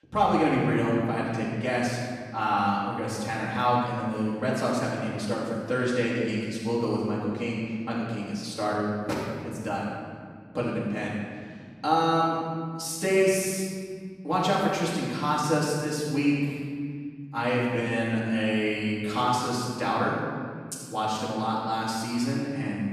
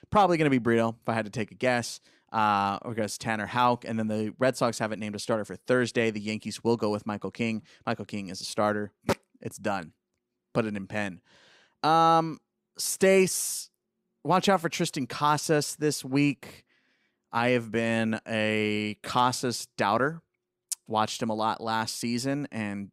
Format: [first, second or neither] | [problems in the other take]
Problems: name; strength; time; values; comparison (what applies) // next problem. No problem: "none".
second | off-mic speech; far // room echo; strong; dies away in 2.2 s